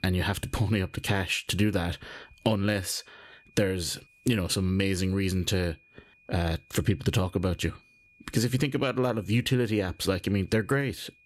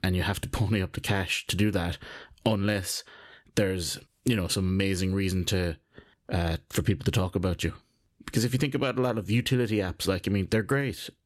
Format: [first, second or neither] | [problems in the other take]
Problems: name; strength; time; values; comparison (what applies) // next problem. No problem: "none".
second | high-pitched whine; faint; throughout; 2.5 kHz, 30 dB below the speech